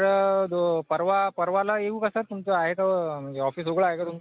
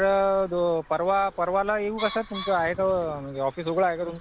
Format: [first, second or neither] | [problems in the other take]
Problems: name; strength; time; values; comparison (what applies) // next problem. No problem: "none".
first | background sound (Bird); 17 dB below the speech